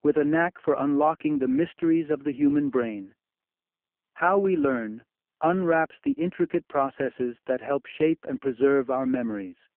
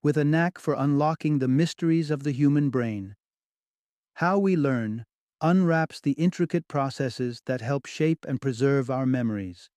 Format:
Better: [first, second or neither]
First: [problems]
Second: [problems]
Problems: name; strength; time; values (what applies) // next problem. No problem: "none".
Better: second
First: phone-call audio; poor line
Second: none